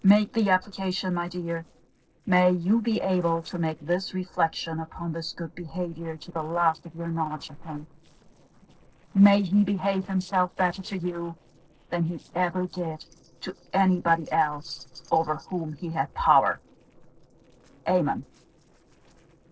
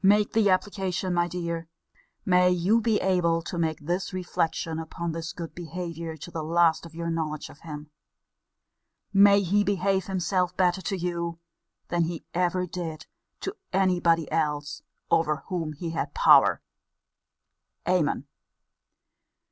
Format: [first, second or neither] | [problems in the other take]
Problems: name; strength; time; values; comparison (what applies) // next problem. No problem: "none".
second | noise reduction (neural separator model SepFormer DNS4)